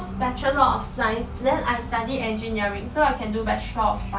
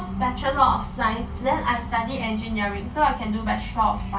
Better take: first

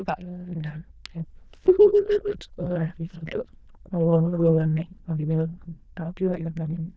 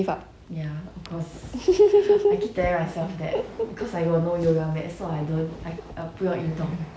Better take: second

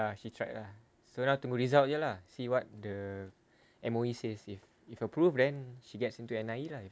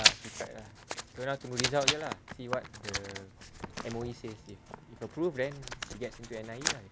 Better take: first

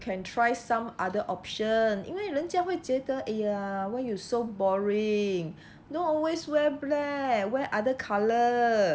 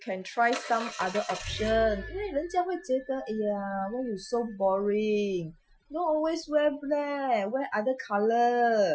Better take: first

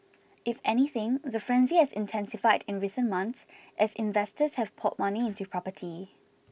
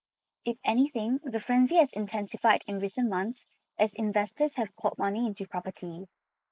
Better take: first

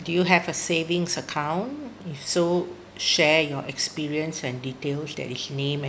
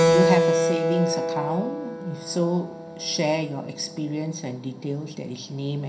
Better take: first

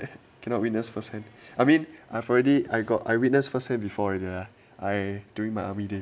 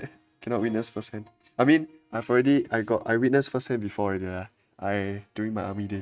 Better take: first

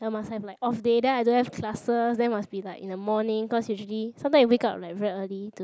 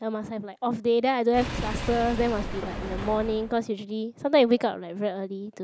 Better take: first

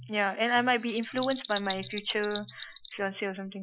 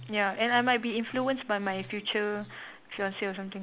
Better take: second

